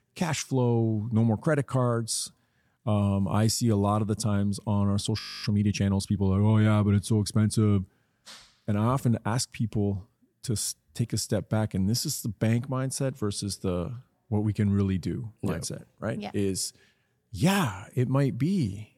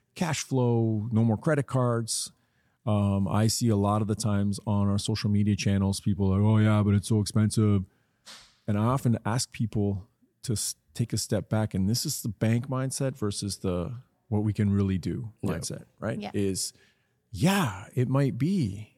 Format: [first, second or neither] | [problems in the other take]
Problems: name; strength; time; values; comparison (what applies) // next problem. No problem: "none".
second | audio freezing; at 5 s